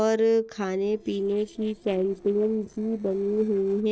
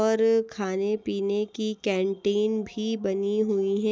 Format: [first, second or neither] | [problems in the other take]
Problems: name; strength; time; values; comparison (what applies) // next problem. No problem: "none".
second | noise reduction (neural separator model SepFormer DNS4)